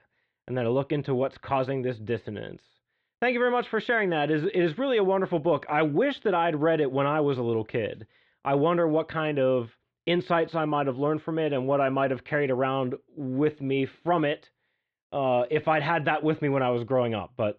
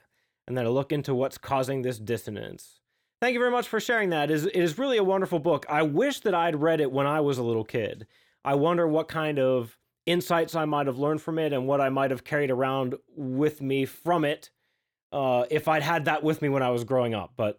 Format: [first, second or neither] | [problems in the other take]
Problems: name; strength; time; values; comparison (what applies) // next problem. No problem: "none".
second | muffled; slightly; fading above 3.5 kHz